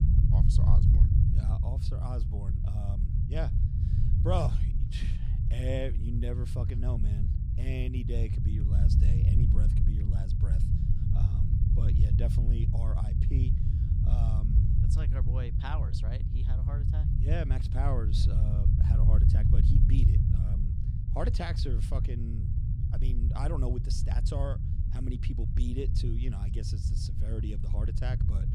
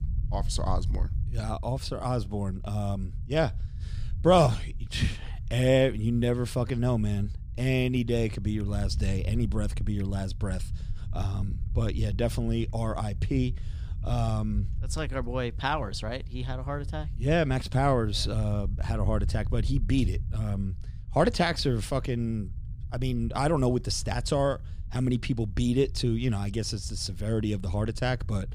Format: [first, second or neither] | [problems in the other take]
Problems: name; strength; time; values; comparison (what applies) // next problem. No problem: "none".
second | low rumble; loud; throughout; 1 dB below the speech; faint in the second